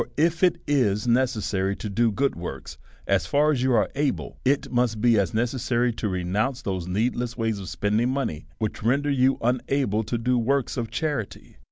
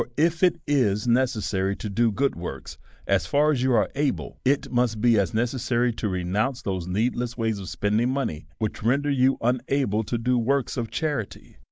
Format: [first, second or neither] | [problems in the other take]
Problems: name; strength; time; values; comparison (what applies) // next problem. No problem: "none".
first | noise reduction (neural mask model Resemble Enhance denoiser)